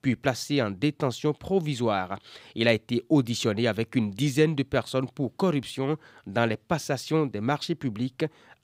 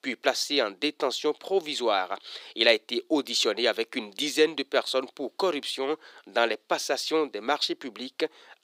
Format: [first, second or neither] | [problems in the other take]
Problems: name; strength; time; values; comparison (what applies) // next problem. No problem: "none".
first | thin; somewhat; fading below 350 Hz